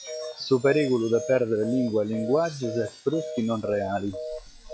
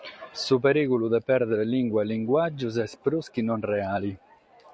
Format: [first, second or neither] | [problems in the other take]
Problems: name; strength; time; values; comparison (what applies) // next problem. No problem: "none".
second | noise reduction (classical method log-MMSE)